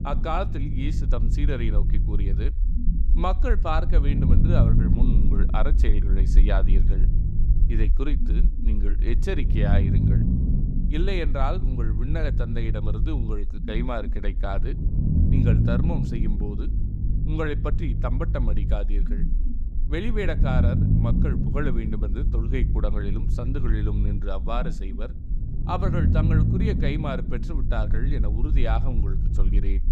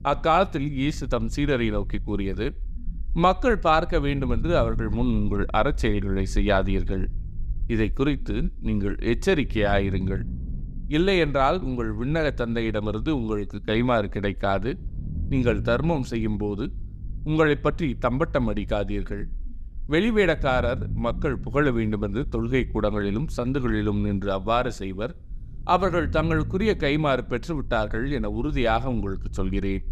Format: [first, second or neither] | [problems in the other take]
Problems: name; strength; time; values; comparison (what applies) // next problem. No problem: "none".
second | low rumble; loud; throughout; 5 dB below the speech; faint in the second